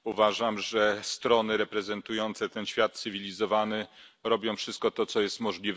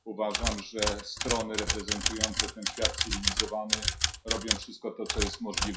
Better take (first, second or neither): first